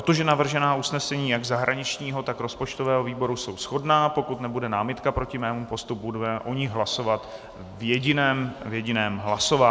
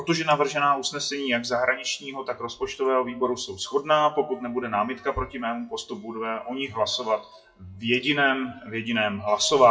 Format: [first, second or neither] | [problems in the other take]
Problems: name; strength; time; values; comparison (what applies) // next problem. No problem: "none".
first | noise reduction (classical method WPE with log-MMSE)